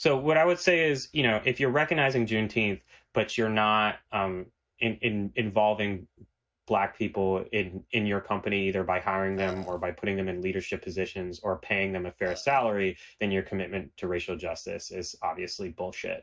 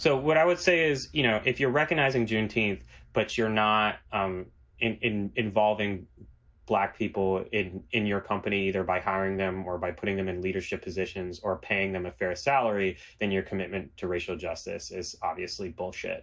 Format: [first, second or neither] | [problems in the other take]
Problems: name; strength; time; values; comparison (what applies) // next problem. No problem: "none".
second | noise reduction (neural mask model RNNoise)